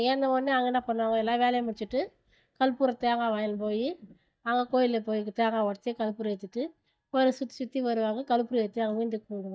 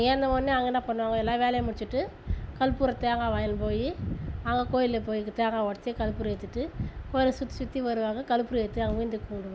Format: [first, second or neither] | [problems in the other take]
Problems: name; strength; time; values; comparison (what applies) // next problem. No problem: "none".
second | noise reduction (neural mask model DeepFilterNet 3)